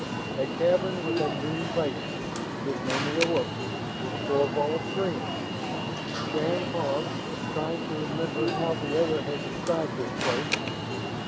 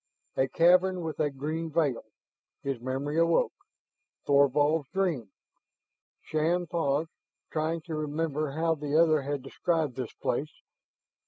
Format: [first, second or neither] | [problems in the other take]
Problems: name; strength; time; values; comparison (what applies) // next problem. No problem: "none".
second | background sound (Alarm); as loud as the speech